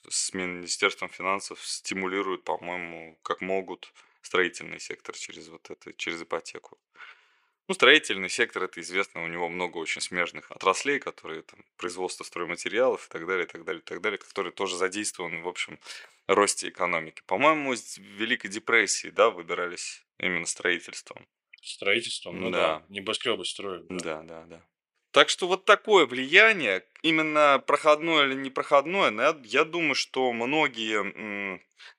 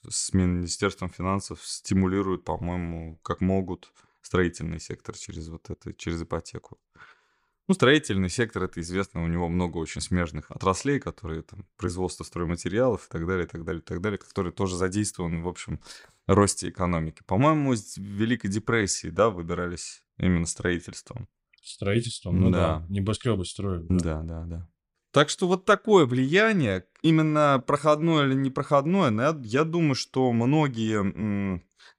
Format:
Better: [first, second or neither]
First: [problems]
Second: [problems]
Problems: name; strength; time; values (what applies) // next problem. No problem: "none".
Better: second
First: thin; somewhat; fading below 500 Hz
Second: none